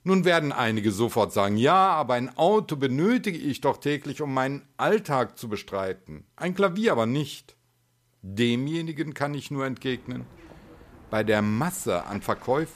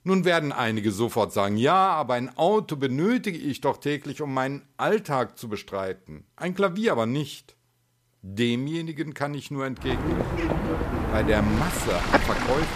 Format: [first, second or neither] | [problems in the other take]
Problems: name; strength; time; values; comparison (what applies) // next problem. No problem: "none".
first | animal sounds; loud; from 10 s on; 1 dB below the speech; faint in the first